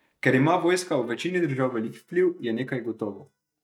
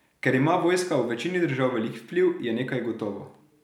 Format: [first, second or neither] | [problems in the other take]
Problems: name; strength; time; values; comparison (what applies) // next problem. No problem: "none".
second | noise reduction (neural mask model DeepFilterNet 3)